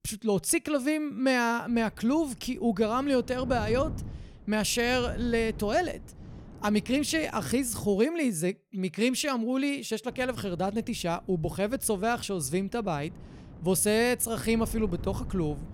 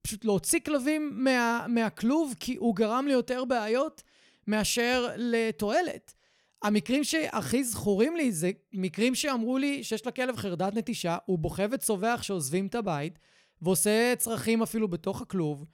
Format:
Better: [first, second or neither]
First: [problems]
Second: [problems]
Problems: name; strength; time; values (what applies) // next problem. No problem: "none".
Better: second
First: wind noise on the microphone; occasional gusts; from 1.5 to 8 s and from 10 s on; 25 dB below the speech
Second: none